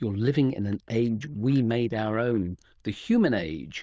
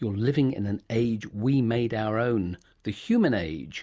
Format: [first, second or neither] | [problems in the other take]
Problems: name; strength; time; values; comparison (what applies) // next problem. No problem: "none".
second | noise reduction (neural diffusion model UNIVERSE++)